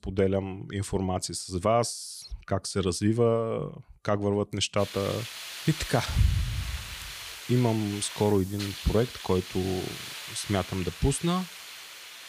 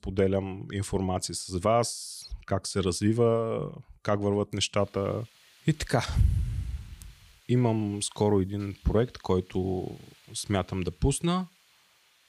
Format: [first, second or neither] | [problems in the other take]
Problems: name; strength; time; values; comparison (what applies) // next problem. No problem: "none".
second | hiss; loud; from 5 s on; 10 dB below the speech; faint in the second